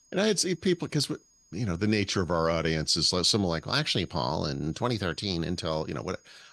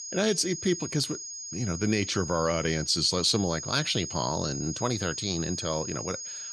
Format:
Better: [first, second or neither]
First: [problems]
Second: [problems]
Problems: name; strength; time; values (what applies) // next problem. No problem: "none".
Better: first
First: high-pitched whine; faint; throughout; 6.5 kHz, 30 dB below the speech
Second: high-pitched whine; loud; throughout; 6.5 kHz, 7 dB below the speech